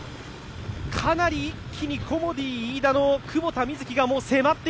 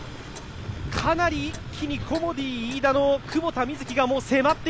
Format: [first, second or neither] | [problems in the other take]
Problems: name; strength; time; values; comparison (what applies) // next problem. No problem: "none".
first | background sound (Clock); 17 dB below the speech